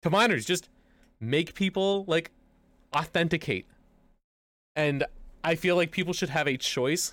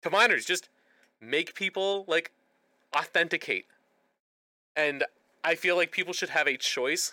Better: first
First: none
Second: thin; very; fading below 450 Hz

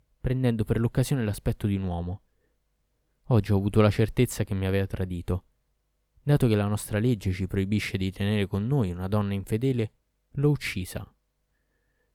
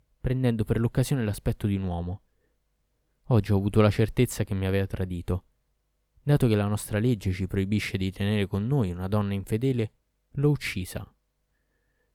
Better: neither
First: none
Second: none

